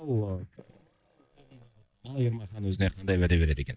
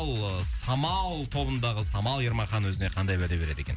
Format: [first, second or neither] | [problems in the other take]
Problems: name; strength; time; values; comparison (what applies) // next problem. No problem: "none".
second | noise reduction (neural mask model DeepFilterNet 3)